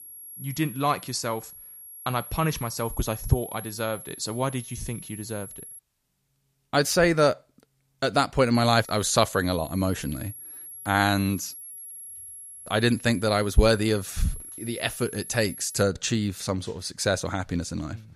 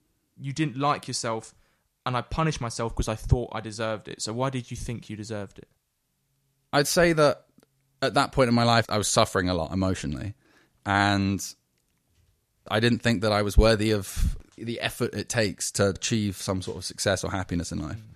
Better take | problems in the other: second | high-pitched whine; noticeable; until 6 s and from 8.5 to 16 s; 11.5 kHz, 15 dB below the speech

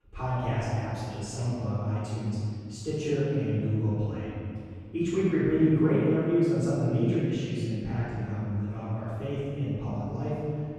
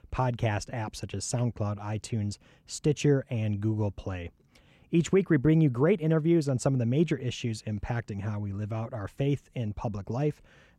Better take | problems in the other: second | off-mic speech; far // room echo; strong; dies away in 2.3 s

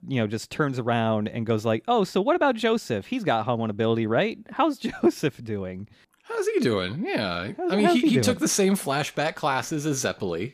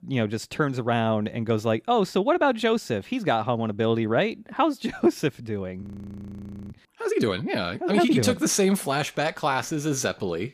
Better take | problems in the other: first | audio freezing; at 6 s for 1 s

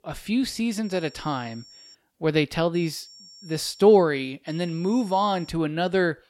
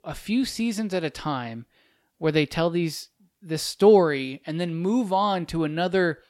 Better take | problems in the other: second | high-pitched whine; faint; from 1 to 2 s, from 2.5 to 4 s and from 4.5 to 5.5 s; 5.5 kHz, 25 dB below the speech

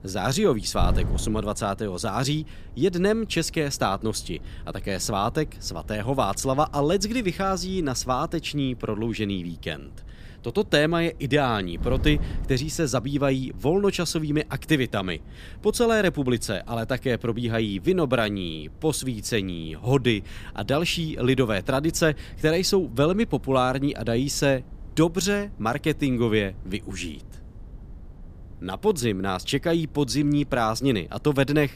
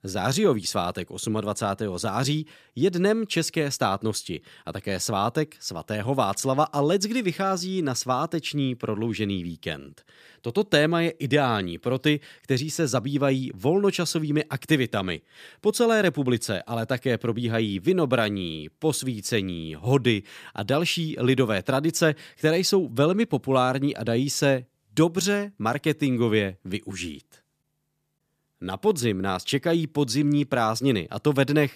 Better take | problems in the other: second | wind noise on the microphone; occasional gusts; 25 dB below the speech

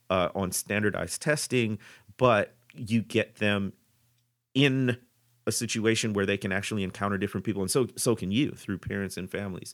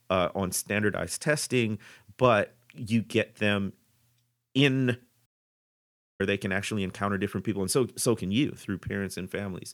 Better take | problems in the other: first | audio cutting out; at 5.5 s for 1 s

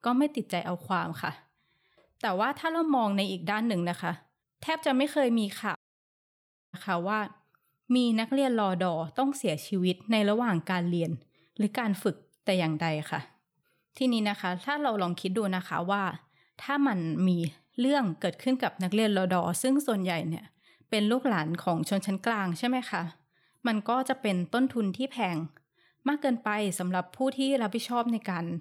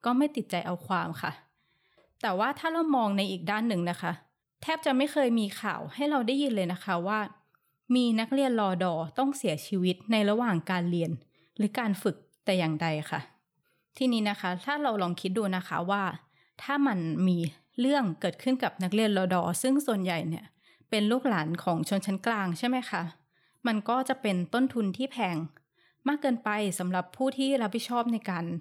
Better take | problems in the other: second | audio cutting out; at 6 s for 1 s

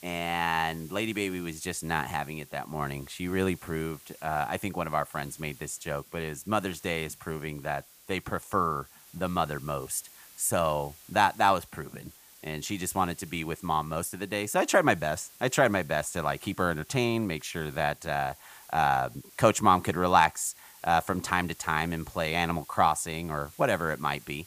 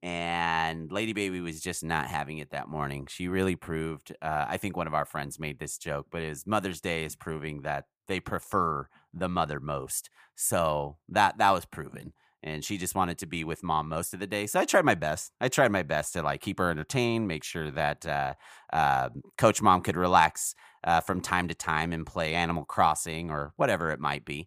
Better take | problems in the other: second | hiss; faint; throughout; 20 dB below the speech

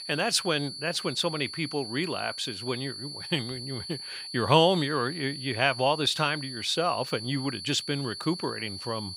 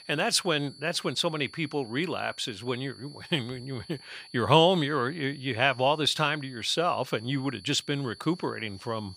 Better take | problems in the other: second | high-pitched whine; loud; throughout; 4.5 kHz, 9 dB below the speech; faint in the second

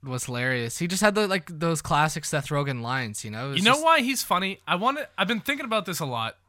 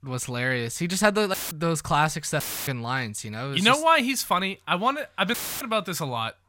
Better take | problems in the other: first | audio cutting out; filled with static; at 1.5 s, at 2.5 s and at 5.5 s

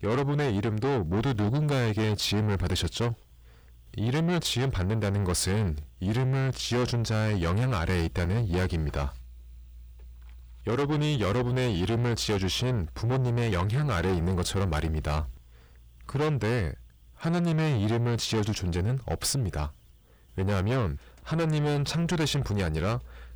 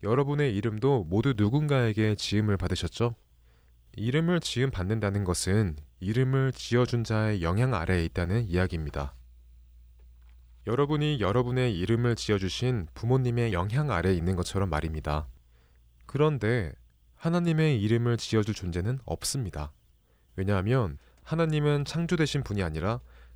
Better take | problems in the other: second | distortion; heavy; 7 dB below the speech

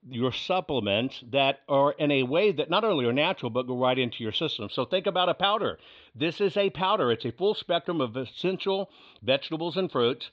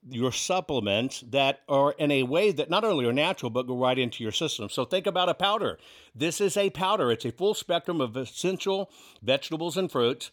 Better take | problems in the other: second | muffled; slightly; fading above 4 kHz

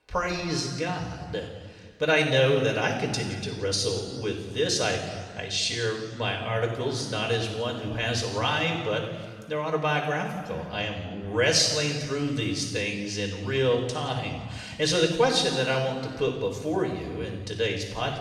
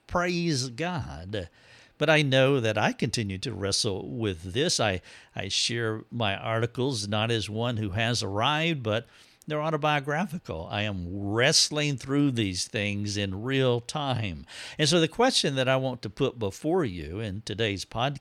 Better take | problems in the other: second | room echo; noticeable; dies away in 1.5 s // off-mic speech; somewhat distant

